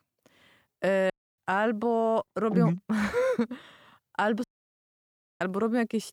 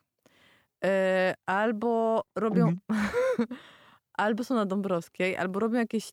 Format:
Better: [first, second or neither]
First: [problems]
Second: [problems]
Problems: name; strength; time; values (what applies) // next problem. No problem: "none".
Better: second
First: audio cutting out; at 1 s and at 4.5 s for 1 s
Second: none